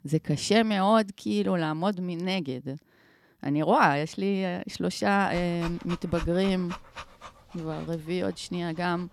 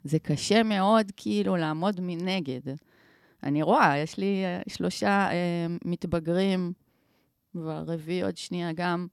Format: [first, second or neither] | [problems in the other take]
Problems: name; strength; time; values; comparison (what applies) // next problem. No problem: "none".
second | dog barking; faint; from 5.5 to 8 s; peak 10 dB below the speech